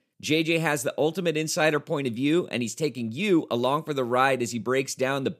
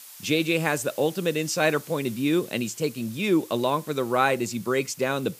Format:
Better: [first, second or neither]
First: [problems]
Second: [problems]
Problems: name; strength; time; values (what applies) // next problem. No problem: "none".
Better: first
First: none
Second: hiss; noticeable; throughout; 20 dB below the speech